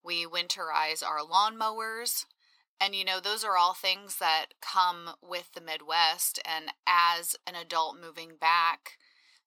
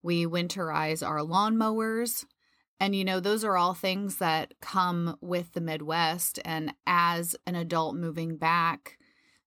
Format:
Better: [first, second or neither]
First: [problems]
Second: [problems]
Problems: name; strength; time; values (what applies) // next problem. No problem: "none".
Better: second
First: thin; very; fading below 800 Hz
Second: none